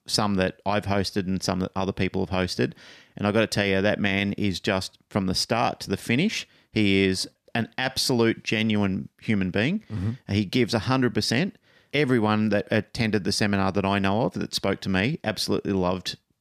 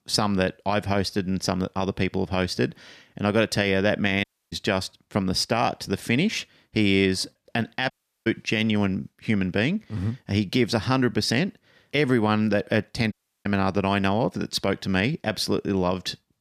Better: first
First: none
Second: audio cutting out; at 4 s, at 8 s and at 13 s

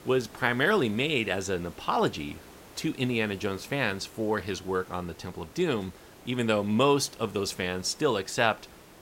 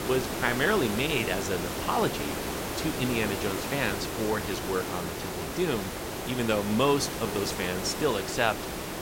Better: first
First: hiss; faint; throughout; 20 dB below the speech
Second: hiss; loud; throughout; 3 dB below the speech

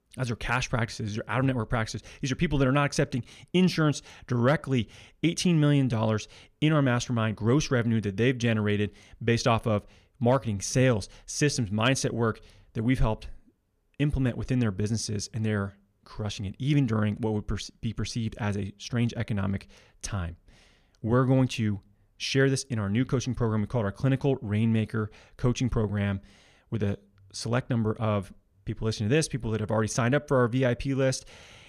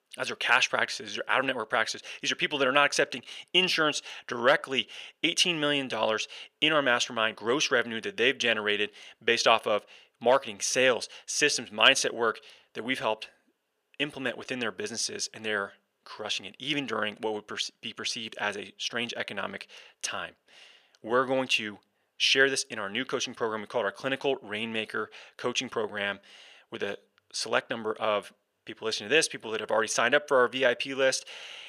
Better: first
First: none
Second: thin; very; fading below 550 Hz

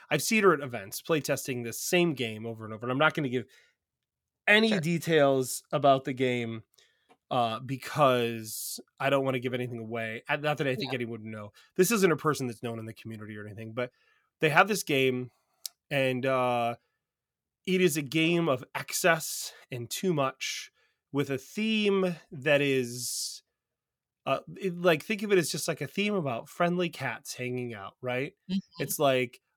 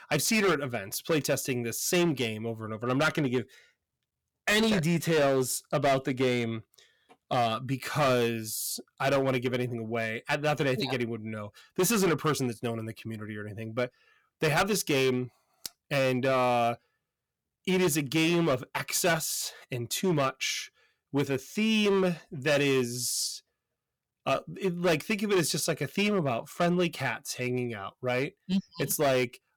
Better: first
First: none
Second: distortion; heavy; 8% of the sound clipped

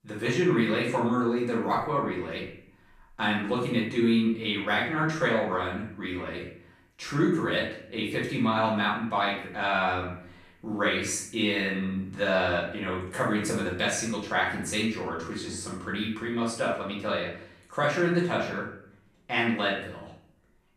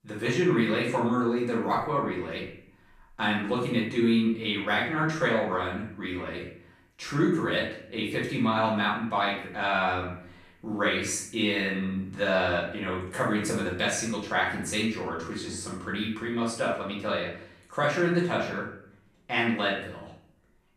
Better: neither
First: room echo; noticeable; dies away in 0.6 s // off-mic speech; far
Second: room echo; noticeable; dies away in 0.6 s // off-mic speech; far

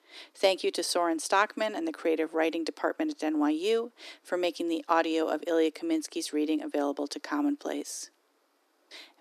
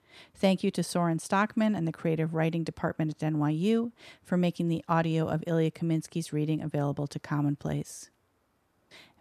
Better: second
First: thin; somewhat; fading below 300 Hz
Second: none

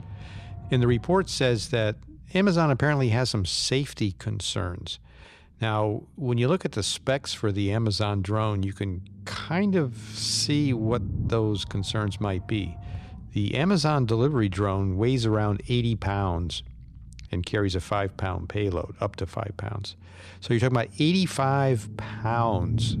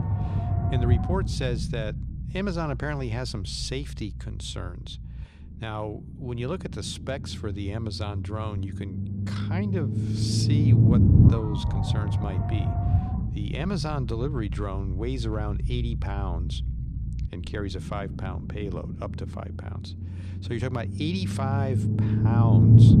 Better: first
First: low rumble; faint; throughout; 20 dB below the speech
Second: low rumble; loud; throughout; as loud as the speech

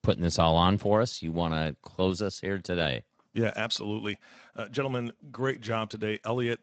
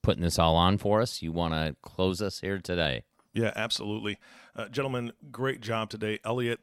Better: second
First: garbled, watery; slightly; nothing above 7.5 kHz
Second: none

